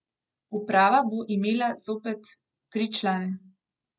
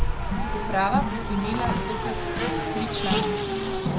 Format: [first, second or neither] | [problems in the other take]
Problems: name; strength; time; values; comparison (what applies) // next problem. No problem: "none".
first | background sound (Race car, auto racing); 5 dB above the speech